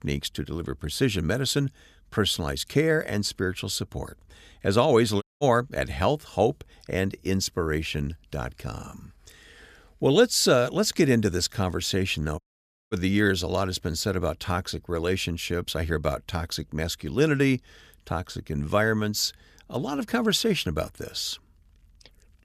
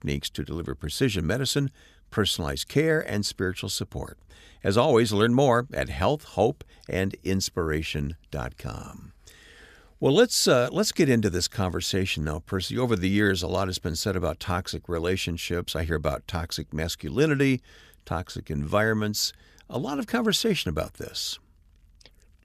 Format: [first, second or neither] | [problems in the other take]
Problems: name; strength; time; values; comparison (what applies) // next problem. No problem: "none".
second | audio cutting out; at 5 s and at 12 s for 0.5 s